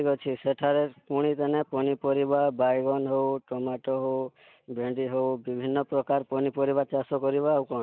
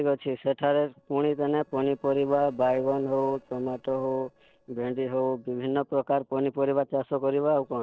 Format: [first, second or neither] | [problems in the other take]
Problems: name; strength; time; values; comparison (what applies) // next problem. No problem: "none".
first | noise reduction (neural separator model SepFormer DNS4)